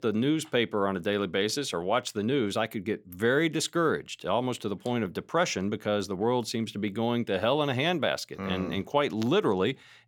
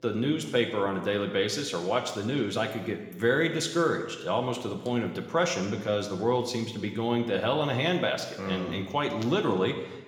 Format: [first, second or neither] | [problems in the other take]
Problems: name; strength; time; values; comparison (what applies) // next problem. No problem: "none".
first | room echo; slight; dies away in 1 s